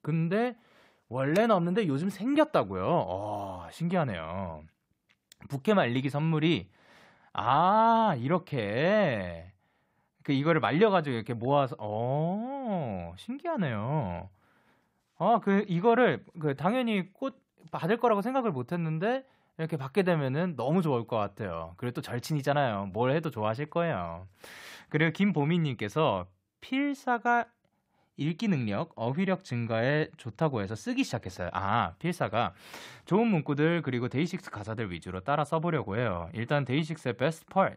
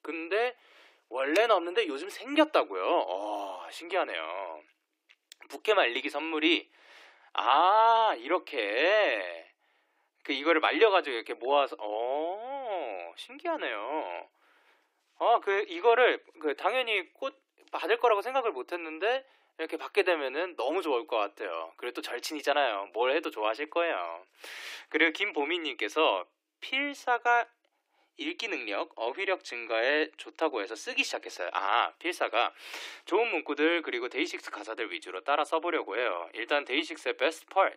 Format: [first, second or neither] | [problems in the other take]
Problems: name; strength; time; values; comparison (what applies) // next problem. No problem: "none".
first | thin; very; fading below 300 Hz